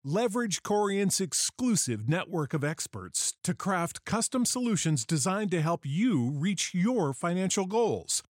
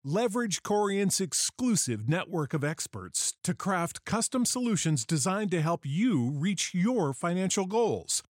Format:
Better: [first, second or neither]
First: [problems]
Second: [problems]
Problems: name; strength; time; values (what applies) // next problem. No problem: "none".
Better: neither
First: none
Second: none